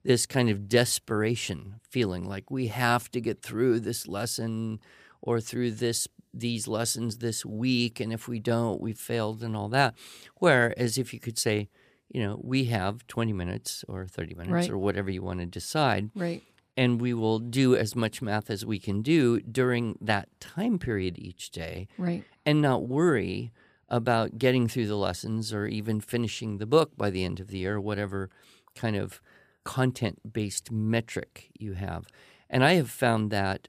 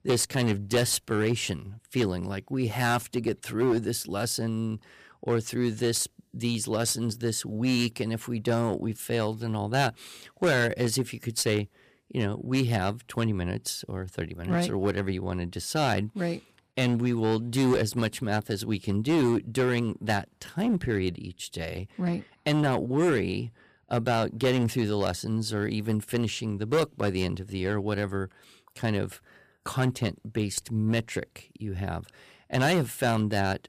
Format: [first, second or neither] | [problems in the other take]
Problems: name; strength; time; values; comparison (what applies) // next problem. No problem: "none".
first | distortion; slight; 6% of the sound clipped